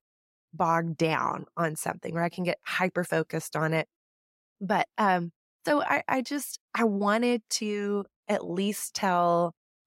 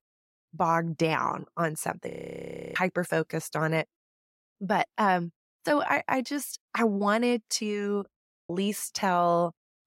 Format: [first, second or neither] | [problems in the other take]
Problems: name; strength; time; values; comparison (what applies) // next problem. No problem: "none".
first | audio freezing; at 2 s for 0.5 s and at 8 s